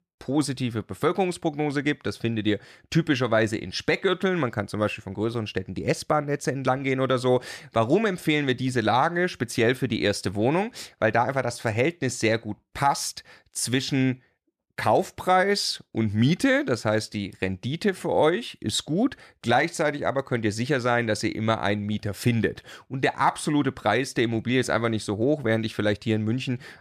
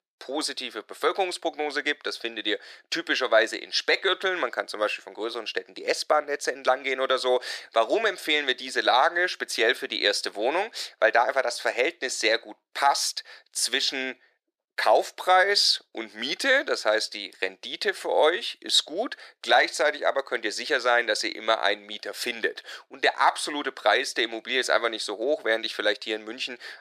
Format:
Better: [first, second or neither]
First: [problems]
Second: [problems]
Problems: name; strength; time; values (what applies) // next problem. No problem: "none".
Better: first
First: none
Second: thin; very; fading below 400 Hz